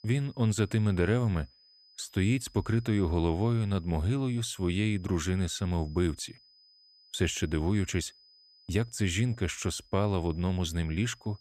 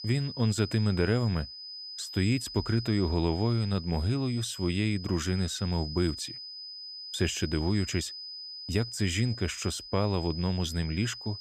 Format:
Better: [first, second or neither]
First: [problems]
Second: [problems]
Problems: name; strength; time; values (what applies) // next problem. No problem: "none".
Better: first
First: high-pitched whine; faint; throughout; 5 kHz, 30 dB below the speech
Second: high-pitched whine; loud; throughout; 5 kHz, 10 dB below the speech